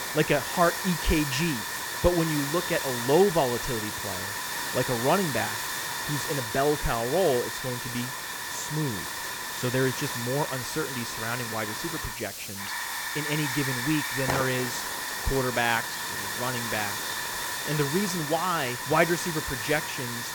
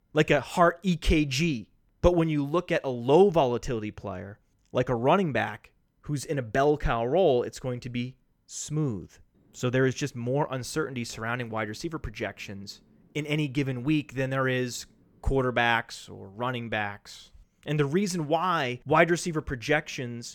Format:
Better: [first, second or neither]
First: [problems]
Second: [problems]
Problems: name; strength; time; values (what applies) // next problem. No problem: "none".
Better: second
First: hiss; loud; throughout; 2 dB below the speech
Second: none